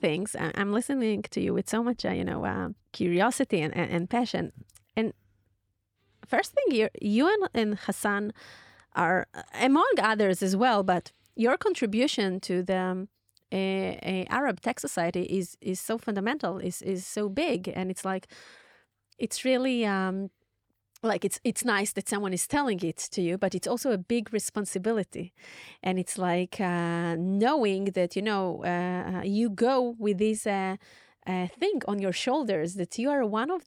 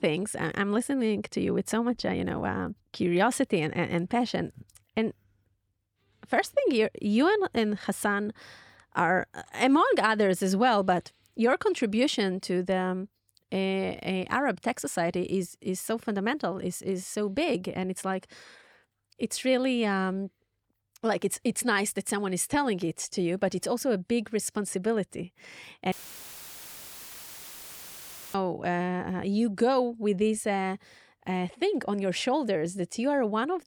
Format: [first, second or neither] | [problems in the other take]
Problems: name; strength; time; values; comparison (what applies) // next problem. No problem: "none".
first | audio cutting out; filled with static; at 26 s for 2.5 s